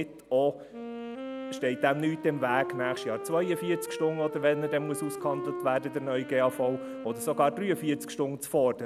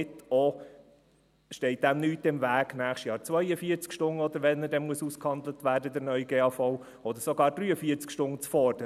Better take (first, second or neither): second